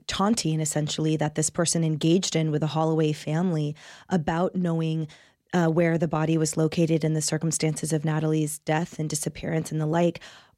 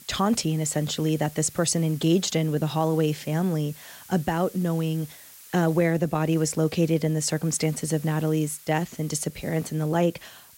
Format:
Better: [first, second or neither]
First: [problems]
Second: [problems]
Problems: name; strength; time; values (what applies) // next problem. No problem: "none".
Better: first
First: none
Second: hiss; faint; throughout; 20 dB below the speech